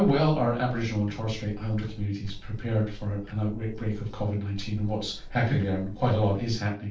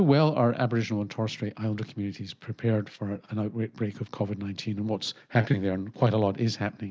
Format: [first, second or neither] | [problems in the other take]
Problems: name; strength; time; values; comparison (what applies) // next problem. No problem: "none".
second | noise reduction (neural separator model SepFormer DNS4)